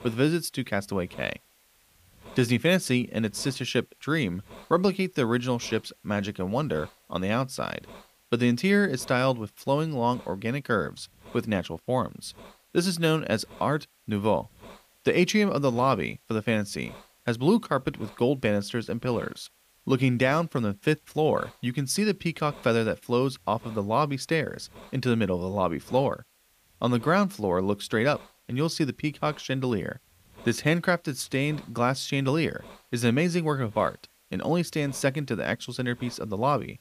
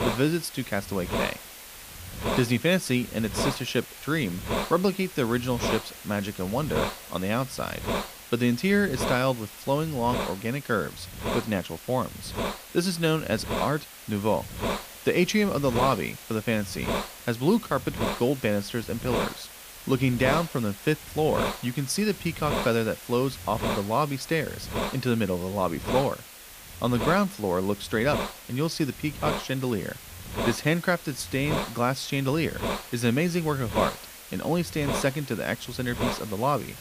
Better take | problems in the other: first | hiss; loud; throughout; 7 dB below the speech; faint in the first

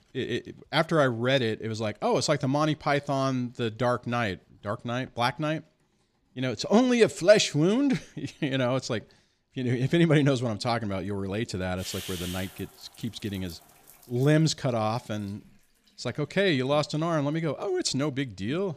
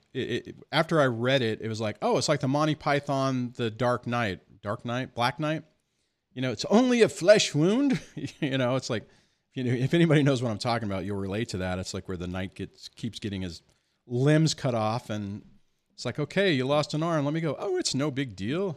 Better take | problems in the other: second | household noises; noticeable; throughout; 20 dB below the speech

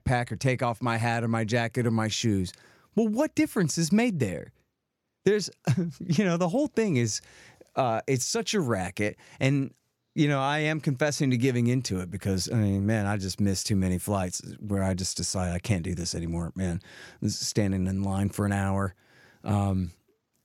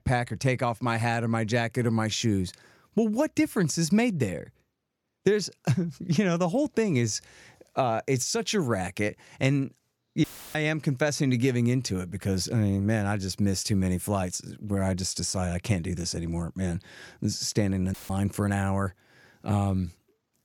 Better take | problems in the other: first | audio cutting out; filled with static; at 10 s and at 18 s

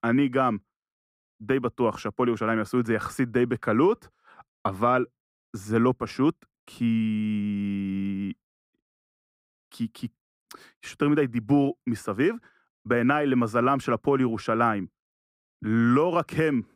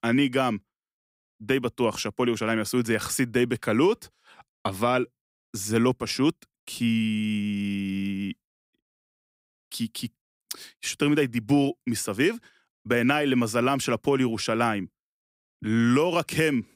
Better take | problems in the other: second | muffled; slightly; fading above 2.5 kHz

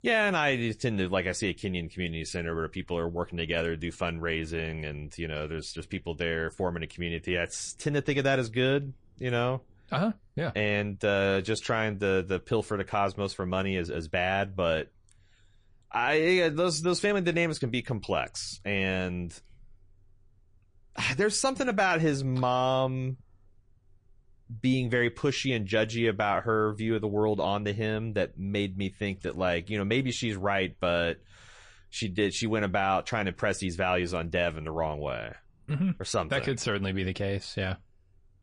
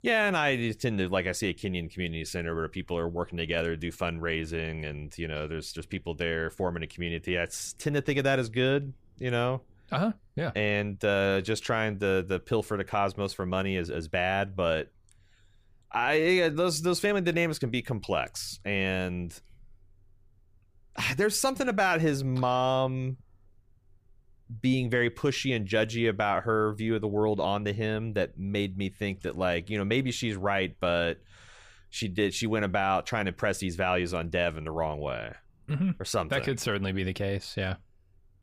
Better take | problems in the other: second | garbled, watery; slightly

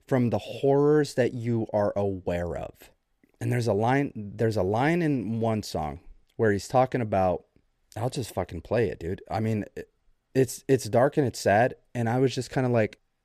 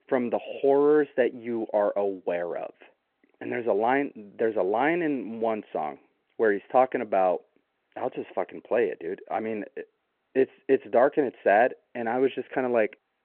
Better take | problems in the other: first | phone-call audio

